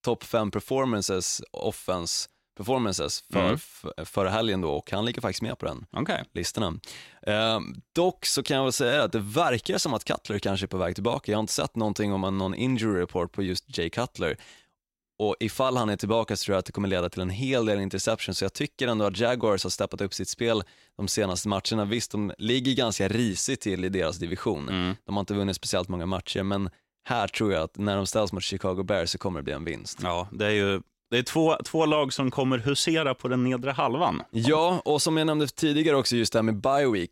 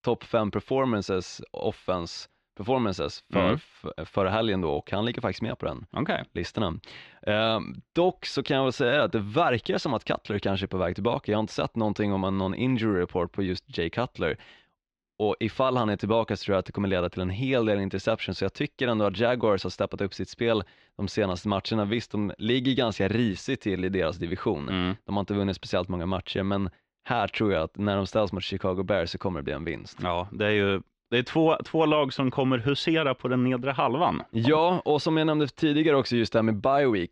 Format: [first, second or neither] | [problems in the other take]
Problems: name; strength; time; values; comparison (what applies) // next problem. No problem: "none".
first | muffled; slightly; fading above 3.5 kHz